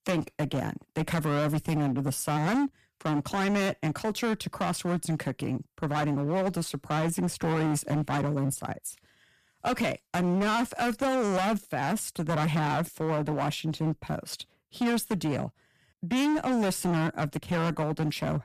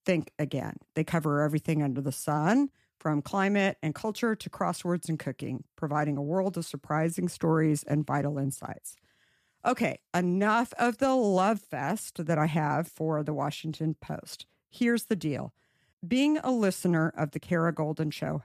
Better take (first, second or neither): second